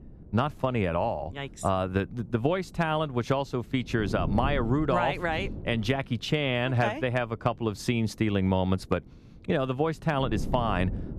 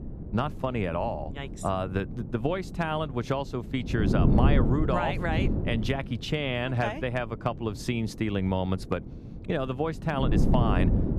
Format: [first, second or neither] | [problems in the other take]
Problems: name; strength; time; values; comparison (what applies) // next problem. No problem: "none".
first | wind noise on the microphone; heavy; 6 dB below the speech; occasional gusts in the first